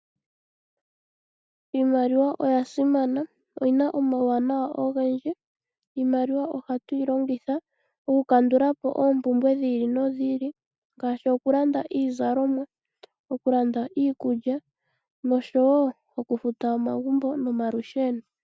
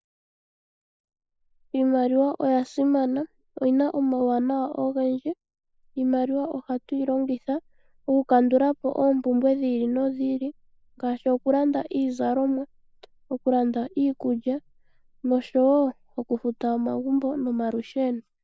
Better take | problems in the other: first | noise reduction (neural mask model Resemble Enhance denoiser)

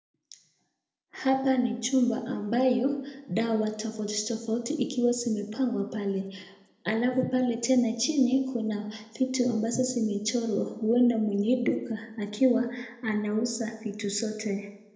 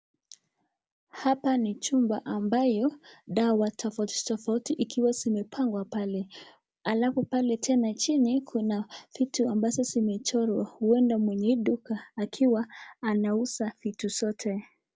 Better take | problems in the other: second | room echo; dies away in 0.8 s

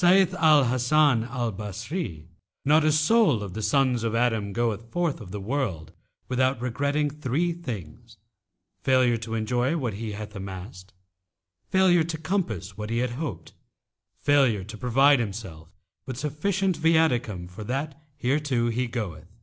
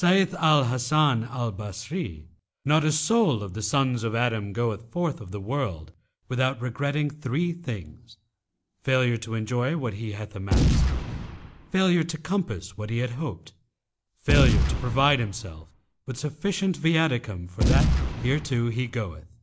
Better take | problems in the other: first | background sound (Boom); 1 dB above the speech

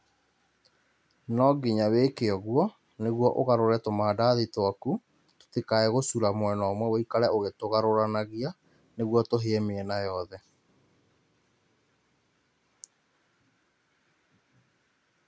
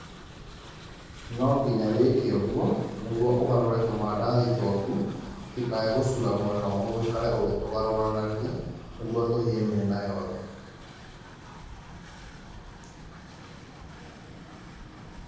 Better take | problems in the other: first | background sound (Train); 14 dB below the speech // room echo; dies away in 1.3 s

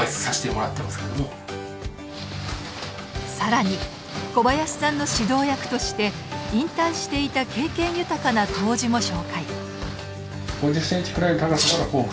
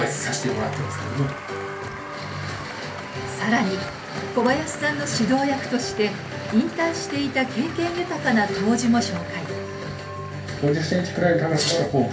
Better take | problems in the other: first | background sound (Applause); 14 dB below the speech // room echo; dies away in 0.3 s

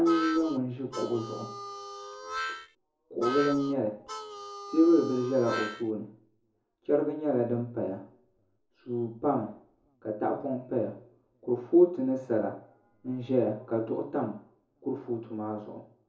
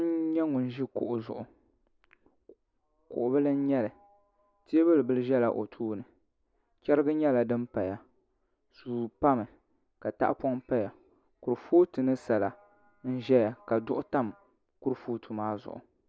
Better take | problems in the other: second | background sound (Harmonica); 8 dB below the speech // room echo; dies away in 0.5 s

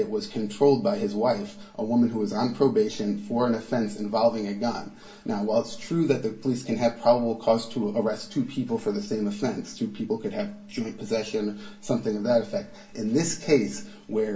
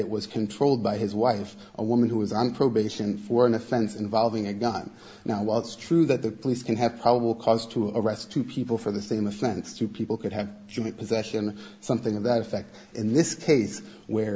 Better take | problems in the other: second | room echo; dies away in 0.2 s

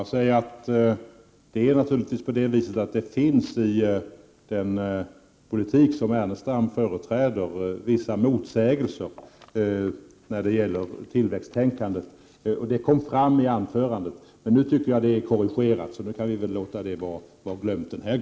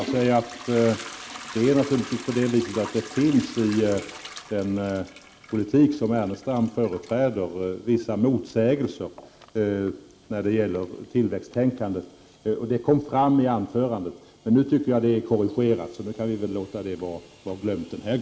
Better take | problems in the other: first | background sound (Trickle, dribble / Toilet flush / Hiss); 19 dB below the speech

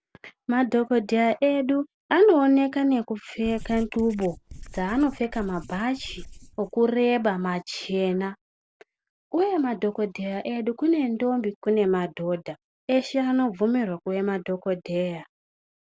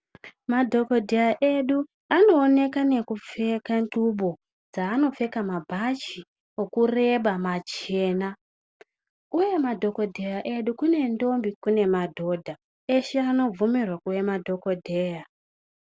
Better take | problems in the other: second | background sound (Writing); 15 dB below the speech

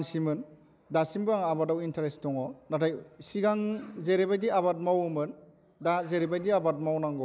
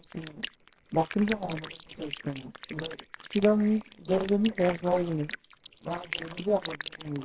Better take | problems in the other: first | noise reduction (neural separator model SepFormer WHAMR!)

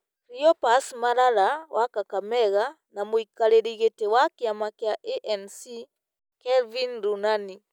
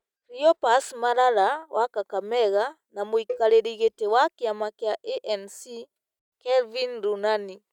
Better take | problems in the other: first | noise reduction (neural mask model RNNoise)

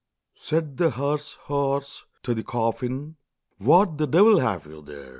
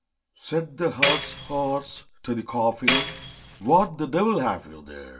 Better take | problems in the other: first | background sound (Tambourine); 2 dB below the speech // room echo; dies away in 0.2 s

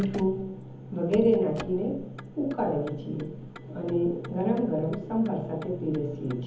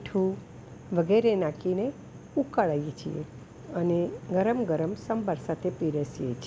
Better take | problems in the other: second | background sound (Motor vehicle (road)); 18 dB below the speech // room echo; dies away in 1.3 s

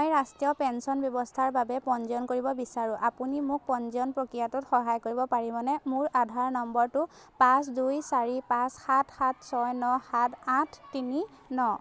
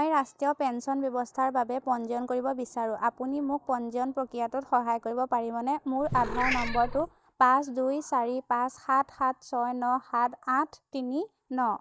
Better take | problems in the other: first | noise reduction (neural mask model DeepFilterNet 3)

